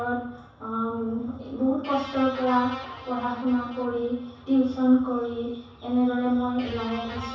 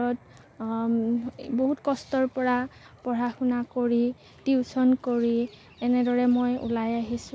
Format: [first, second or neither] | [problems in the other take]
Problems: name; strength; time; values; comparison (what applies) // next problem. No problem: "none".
second | background sound (Guitar); 18 dB below the speech // room echo; dies away in 0.7 s